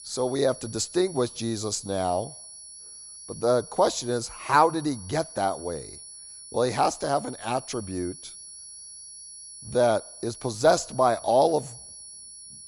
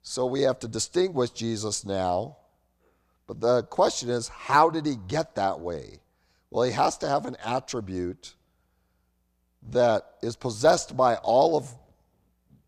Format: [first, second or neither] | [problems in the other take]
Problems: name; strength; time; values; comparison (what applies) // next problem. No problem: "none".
second | high-pitched whine; noticeable; throughout; 10 kHz, 15 dB below the speech